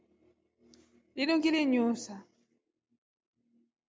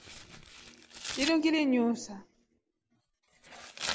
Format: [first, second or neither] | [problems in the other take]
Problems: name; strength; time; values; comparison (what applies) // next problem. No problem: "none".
first | background sound (Tearing); 10 dB below the speech